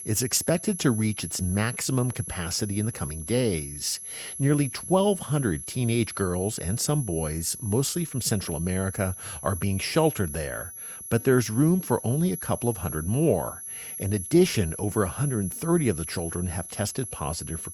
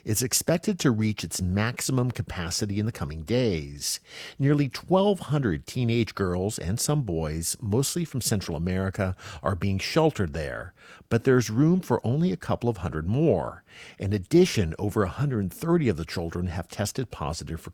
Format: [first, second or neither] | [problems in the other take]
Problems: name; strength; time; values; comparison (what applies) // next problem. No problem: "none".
second | high-pitched whine; loud; throughout; 11 kHz, 9 dB below the speech